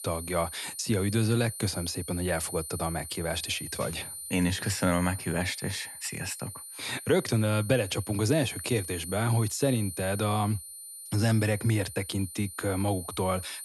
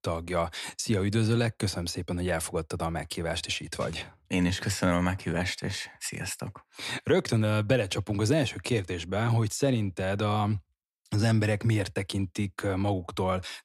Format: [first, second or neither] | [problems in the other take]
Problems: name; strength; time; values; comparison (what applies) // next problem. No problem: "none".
second | high-pitched whine; loud; throughout; 9.5 kHz, 9 dB below the speech